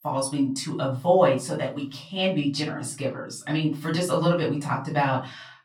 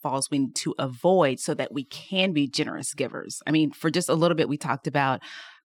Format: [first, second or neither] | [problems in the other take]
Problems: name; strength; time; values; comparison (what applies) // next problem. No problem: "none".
second | off-mic speech; far // room echo; slight; dies away in 0.3 s